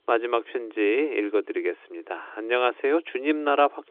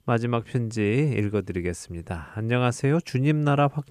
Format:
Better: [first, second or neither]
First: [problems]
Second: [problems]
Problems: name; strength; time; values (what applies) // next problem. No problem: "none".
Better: second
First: phone-call audio; nothing above 3.5 kHz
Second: none